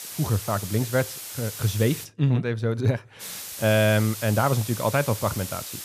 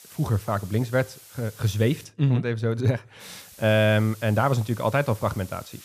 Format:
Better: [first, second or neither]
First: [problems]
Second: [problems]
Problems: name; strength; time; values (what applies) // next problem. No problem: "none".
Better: second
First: hiss; loud; until 2 s and from 3 s on; 9 dB below the speech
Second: hiss; faint; until 2 s and from 3 s on; 20 dB below the speech